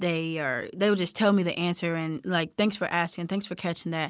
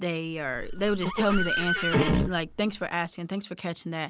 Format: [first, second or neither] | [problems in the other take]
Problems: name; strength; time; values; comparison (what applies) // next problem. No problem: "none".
first | background sound (Livestock, farm animals, working animals); 1 dB above the speech